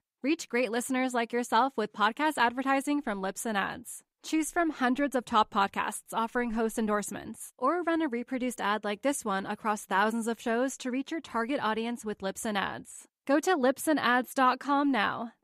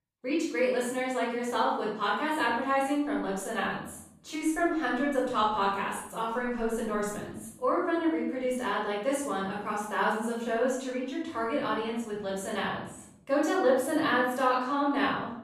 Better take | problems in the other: first | off-mic speech; far // room echo; noticeable; dies away in 0.8 s

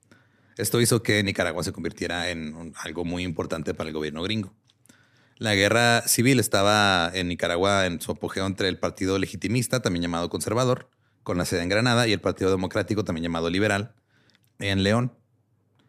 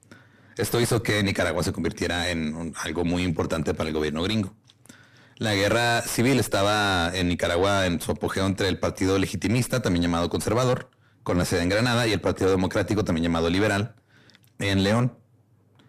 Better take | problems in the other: first | distortion; heavy; 6 dB below the speech

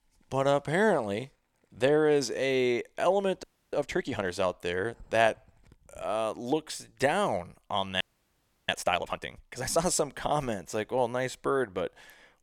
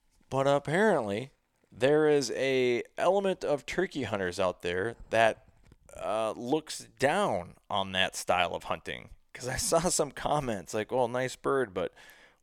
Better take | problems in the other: second | audio freezing; at 3.5 s and at 8 s for 0.5 s

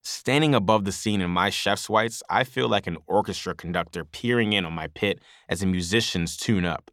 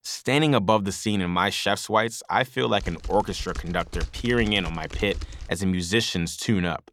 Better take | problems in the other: first | keyboard typing; noticeable; from 3 to 5.5 s; peak 10 dB below the speech

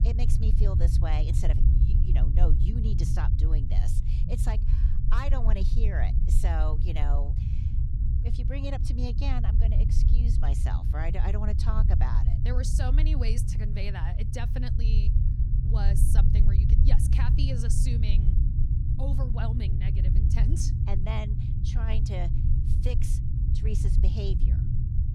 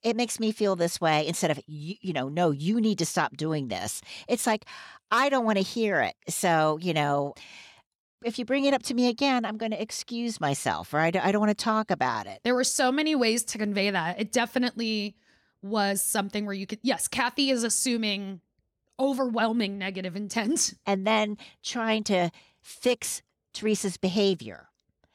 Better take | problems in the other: second | low rumble; loud; throughout; 3 dB below the speech

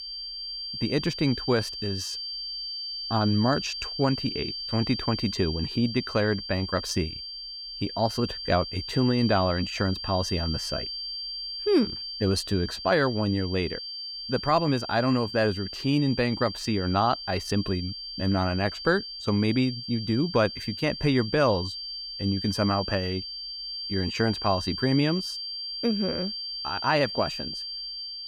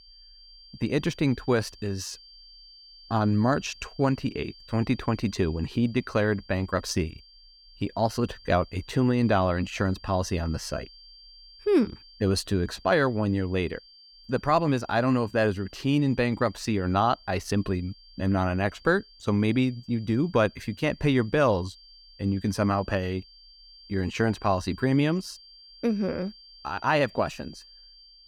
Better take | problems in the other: second | high-pitched whine; loud; throughout; 4.5 kHz, 6 dB below the speech; faint in the second

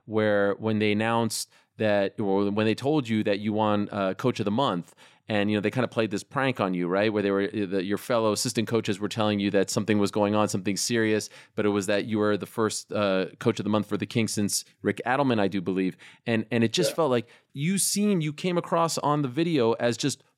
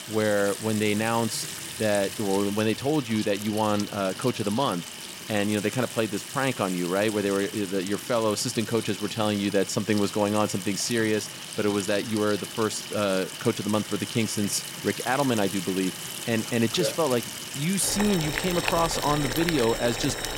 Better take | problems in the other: first | household noises; loud; throughout; 7 dB below the speech

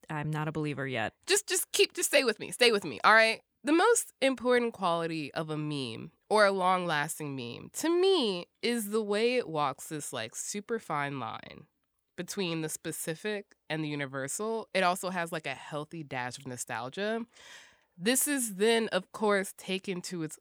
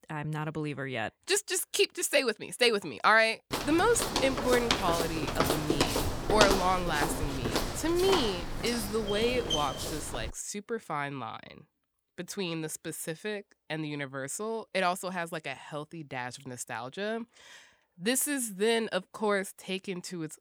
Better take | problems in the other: first | footsteps; loud; from 3.5 to 10 s; peak 5 dB above the speech

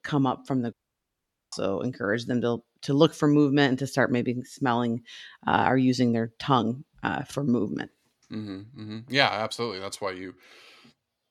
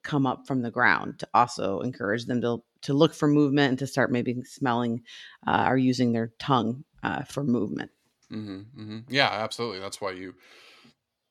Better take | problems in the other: second | audio cutting out; at 0.5 s for 1 s

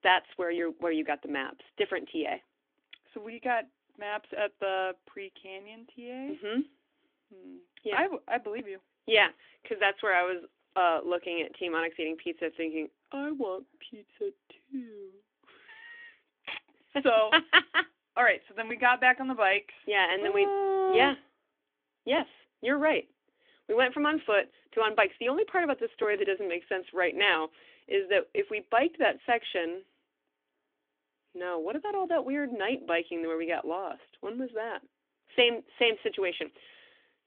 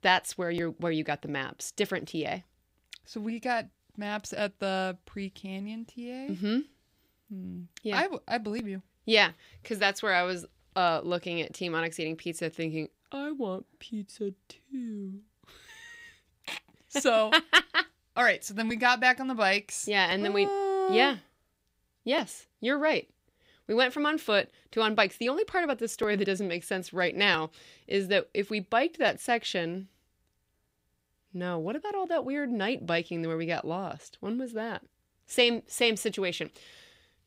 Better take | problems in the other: second | phone-call audio; nothing above 3.5 kHz

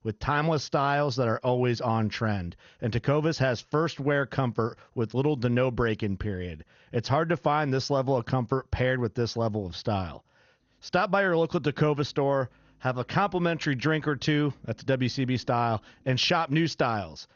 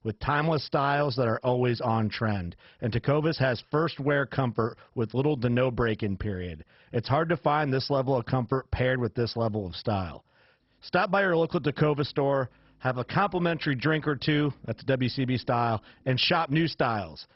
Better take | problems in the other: first | garbled, watery; badly; nothing above 5.5 kHz; slightly in the first

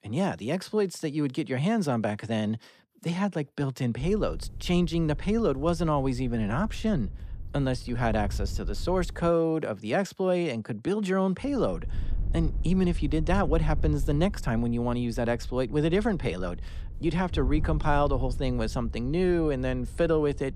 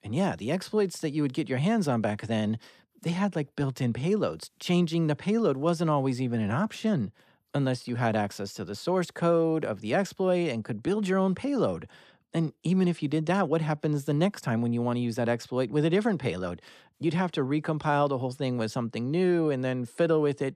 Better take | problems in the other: second | wind noise on the microphone; occasional gusts; from 4 to 9.5 s and from 11 s on; 25 dB below the speech

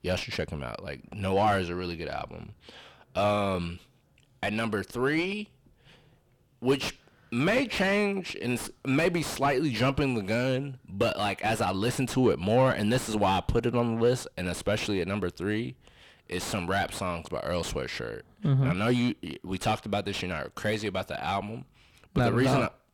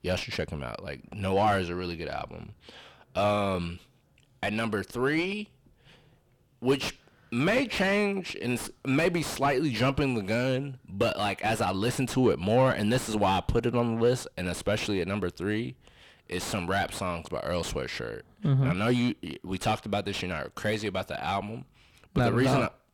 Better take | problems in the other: neither | distortion; heavy; 7 dB below the speech; the same in both

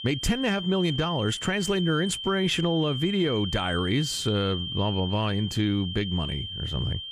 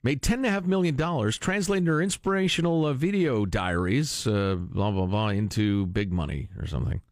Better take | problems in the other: second | high-pitched whine; loud; throughout; 3 kHz, 6 dB below the speech

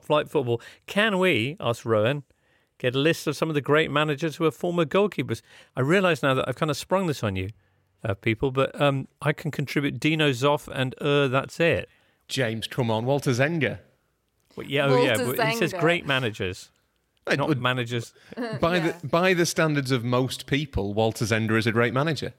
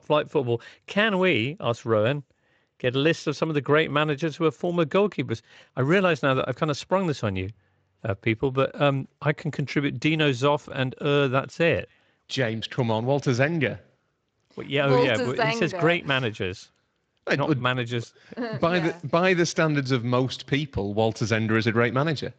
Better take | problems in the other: first | garbled, watery; slightly; nothing above 7.5 kHz

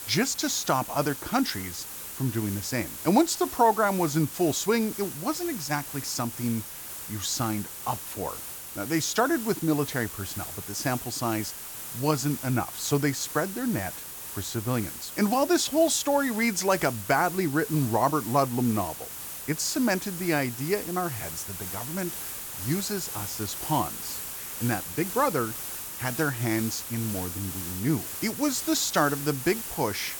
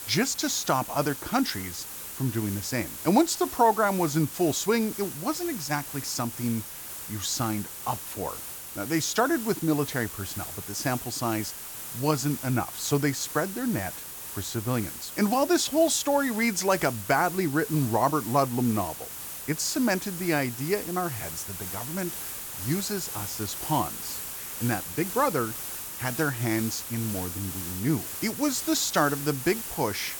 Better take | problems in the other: neither | hiss; loud; throughout; 7 dB below the speech; the same in both

